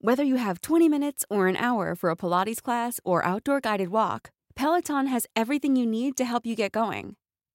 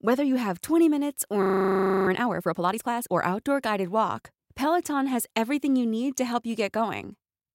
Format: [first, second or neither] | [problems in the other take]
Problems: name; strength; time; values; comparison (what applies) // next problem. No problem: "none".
first | audio freezing; at 1.5 s for 0.5 s